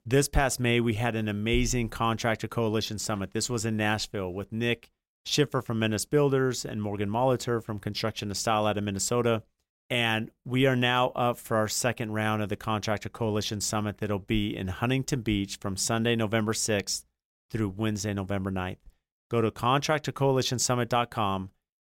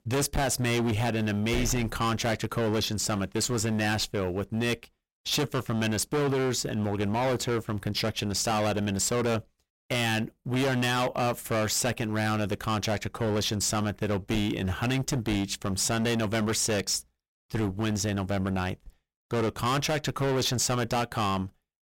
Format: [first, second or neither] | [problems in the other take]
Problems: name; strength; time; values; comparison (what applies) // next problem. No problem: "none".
first | distortion; heavy; 22% of the sound clipped